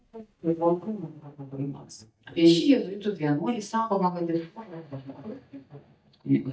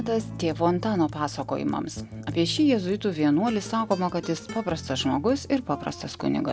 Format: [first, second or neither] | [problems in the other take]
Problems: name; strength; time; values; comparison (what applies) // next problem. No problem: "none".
second | noise reduction (neural mask model DeepFilterNet 3)